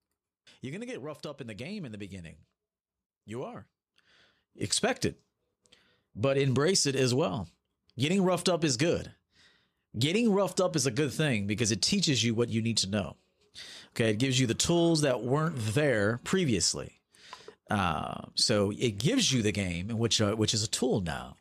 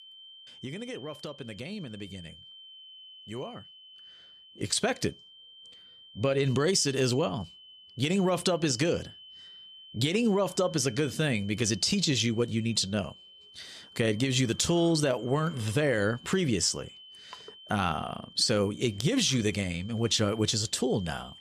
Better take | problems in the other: first | high-pitched whine; faint; throughout; 3 kHz, 20 dB below the speech

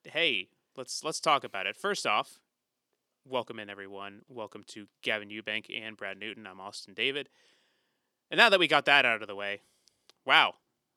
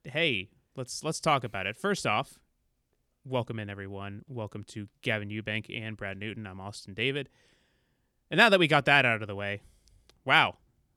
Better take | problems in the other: second | thin; somewhat; fading below 300 Hz

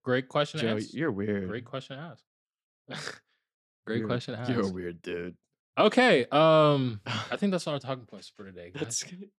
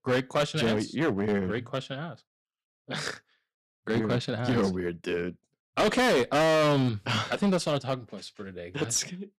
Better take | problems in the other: first | distortion; heavy; 10% of the sound clipped

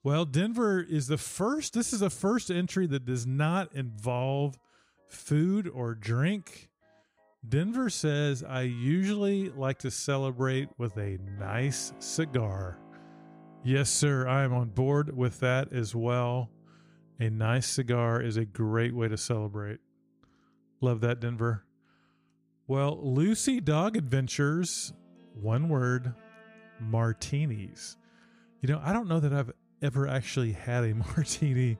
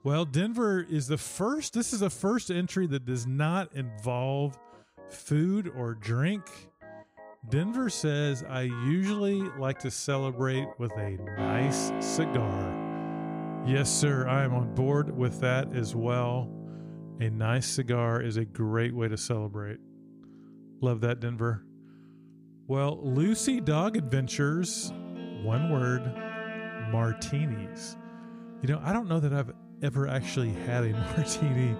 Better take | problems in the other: first | background music; loud; throughout; 9 dB below the speech; faint in the first

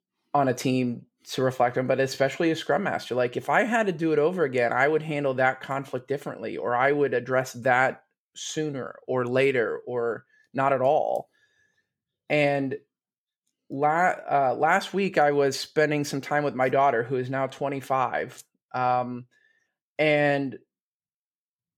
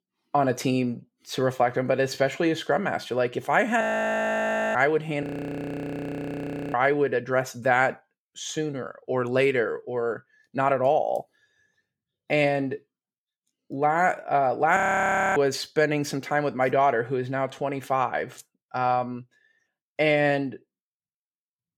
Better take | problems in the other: first | audio freezing; at 4 s for 1 s, at 5 s for 1.5 s and at 15 s for 0.5 s

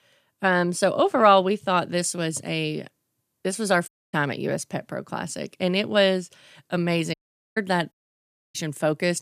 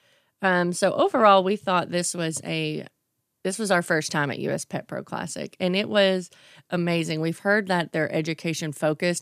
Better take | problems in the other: second | audio cutting out; at 4 s, at 7 s and at 8 s for 0.5 s

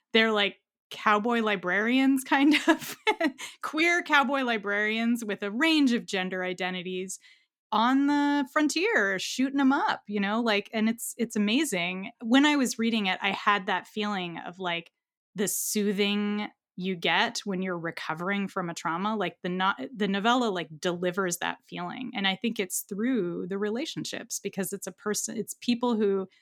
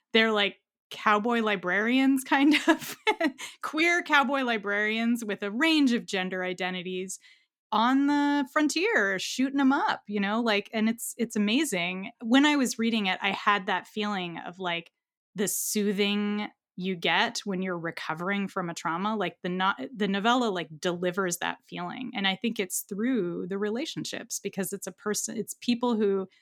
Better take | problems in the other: neither | none

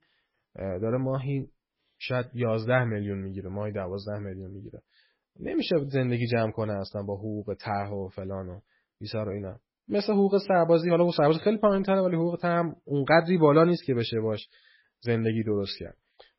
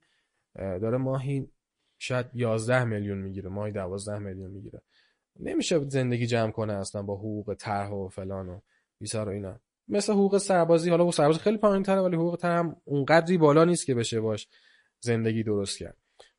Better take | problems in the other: second | garbled, watery; badly; nothing above 5.5 kHz; slightly in the second

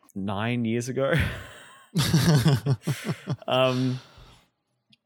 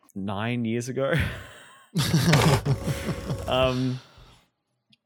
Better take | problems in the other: first | keyboard typing; loud; from 2 to 3.5 s; peak 2 dB above the speech

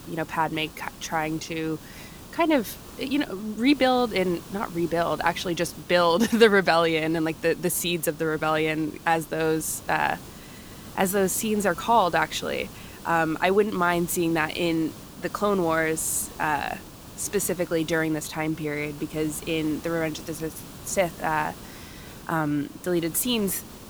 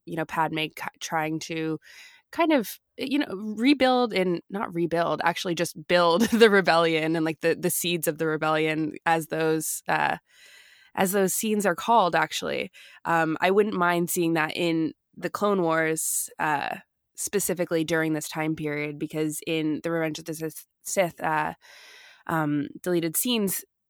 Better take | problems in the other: second | hiss; noticeable; throughout; 15 dB below the speech

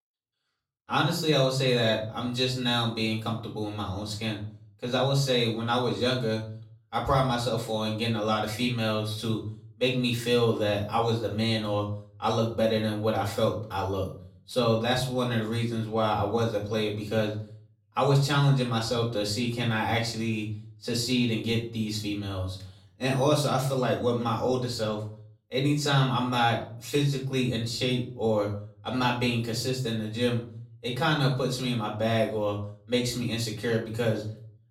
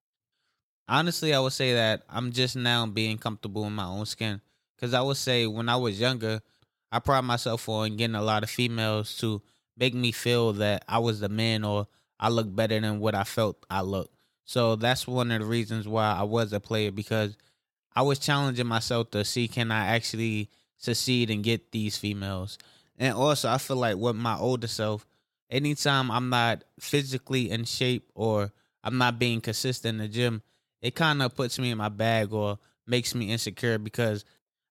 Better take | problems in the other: second | room echo; slight; dies away in 0.4 s // off-mic speech; far

